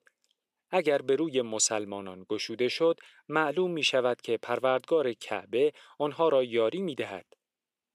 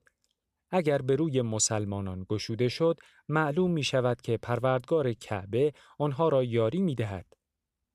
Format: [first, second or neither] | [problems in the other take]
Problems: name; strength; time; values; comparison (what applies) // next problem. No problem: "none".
second | thin; somewhat; fading below 350 Hz